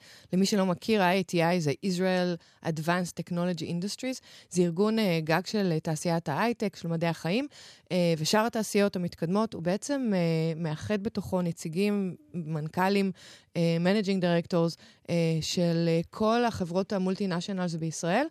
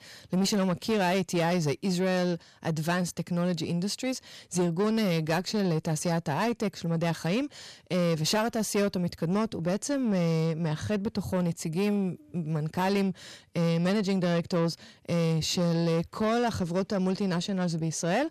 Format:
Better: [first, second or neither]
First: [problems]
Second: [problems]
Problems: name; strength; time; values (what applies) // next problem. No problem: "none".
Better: first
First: none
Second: distortion; slight; 10 dB below the speech